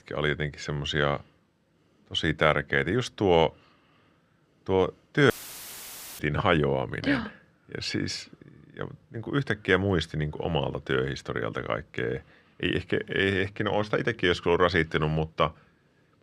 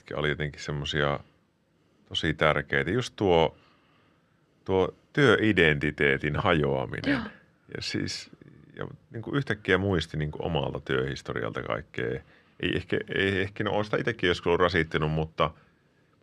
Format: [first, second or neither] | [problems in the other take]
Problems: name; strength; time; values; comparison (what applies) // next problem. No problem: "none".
second | audio cutting out; filled with static; at 5.5 s for 1 s